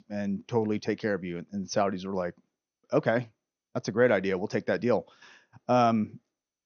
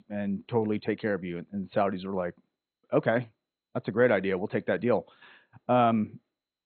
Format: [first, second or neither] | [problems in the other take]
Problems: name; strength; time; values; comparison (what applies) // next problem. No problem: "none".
first | garbled, watery; badly; nothing above 4 kHz; slightly in the first